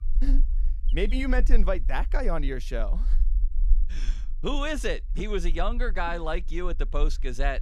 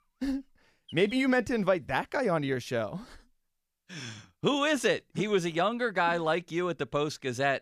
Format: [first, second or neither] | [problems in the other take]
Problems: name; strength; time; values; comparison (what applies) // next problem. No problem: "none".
second | low rumble; faint; throughout; 25 dB below the speech